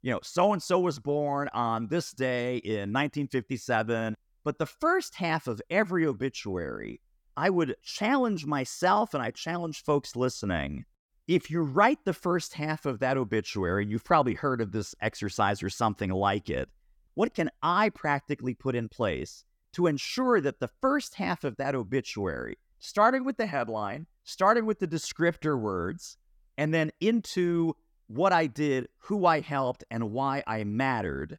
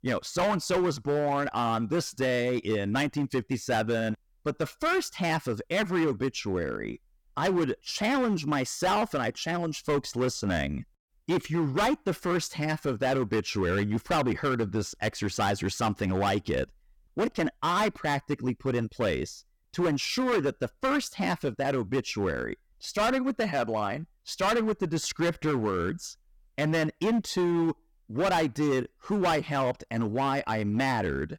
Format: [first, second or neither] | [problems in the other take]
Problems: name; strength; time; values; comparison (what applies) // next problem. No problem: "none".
first | distortion; heavy; 12% of the sound clipped